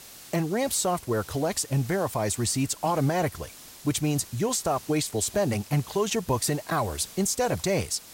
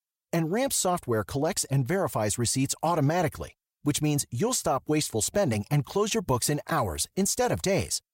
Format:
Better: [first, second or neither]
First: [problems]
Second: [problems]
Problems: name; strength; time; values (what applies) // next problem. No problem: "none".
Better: second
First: hiss; noticeable; throughout; 15 dB below the speech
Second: none